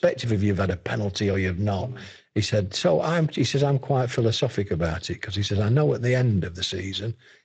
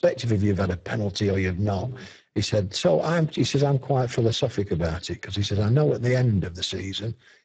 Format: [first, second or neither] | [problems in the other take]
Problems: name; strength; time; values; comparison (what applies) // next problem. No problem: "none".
first | garbled, watery; badly; nothing above 7.5 kHz; slightly in the first